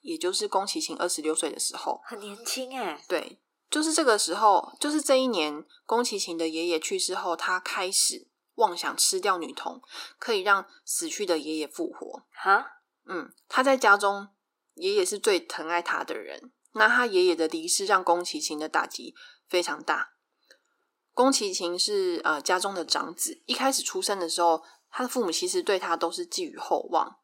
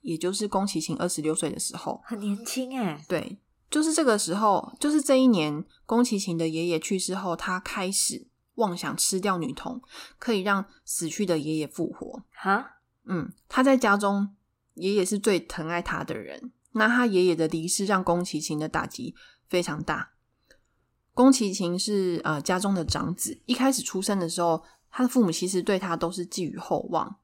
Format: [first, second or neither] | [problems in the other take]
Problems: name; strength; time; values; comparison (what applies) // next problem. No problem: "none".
second | thin; somewhat; fading below 350 Hz